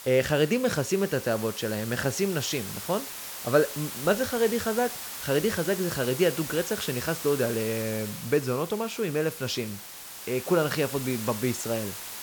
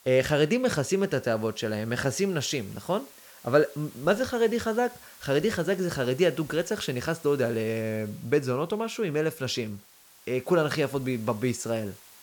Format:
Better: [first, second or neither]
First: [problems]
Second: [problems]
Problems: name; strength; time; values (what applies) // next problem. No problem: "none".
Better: second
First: hiss; loud; throughout; 8 dB below the speech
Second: hiss; faint; throughout; 20 dB below the speech